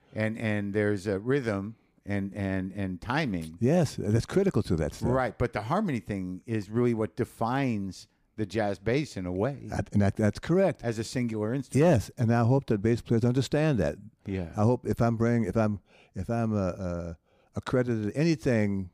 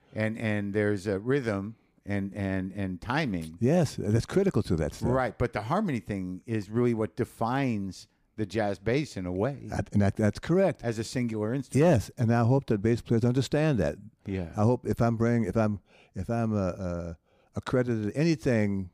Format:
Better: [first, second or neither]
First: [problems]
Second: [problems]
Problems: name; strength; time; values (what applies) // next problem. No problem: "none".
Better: neither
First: none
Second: none